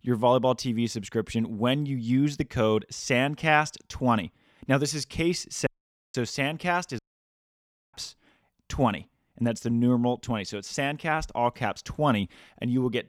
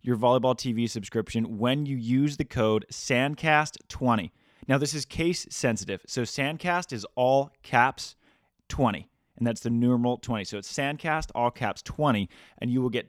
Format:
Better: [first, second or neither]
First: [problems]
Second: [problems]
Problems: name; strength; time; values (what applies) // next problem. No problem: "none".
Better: second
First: audio cutting out; at 5.5 s and at 7 s for 1 s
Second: none